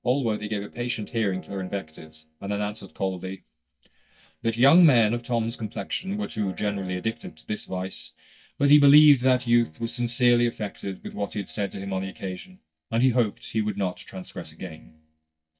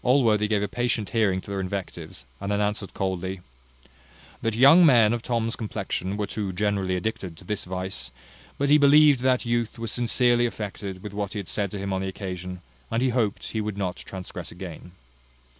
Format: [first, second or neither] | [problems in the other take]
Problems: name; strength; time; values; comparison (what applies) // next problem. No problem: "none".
second | noise reduction (neural mask model DeepFilterNet 3)